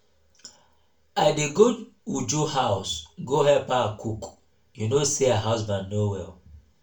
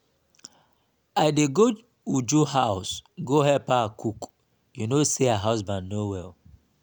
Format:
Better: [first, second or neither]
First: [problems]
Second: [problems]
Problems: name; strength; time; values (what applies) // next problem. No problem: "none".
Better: second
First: room echo; dies away in 0.3 s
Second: none